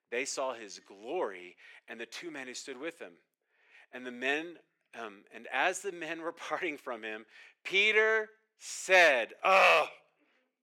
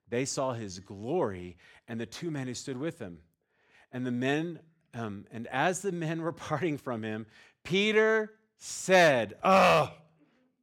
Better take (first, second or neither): second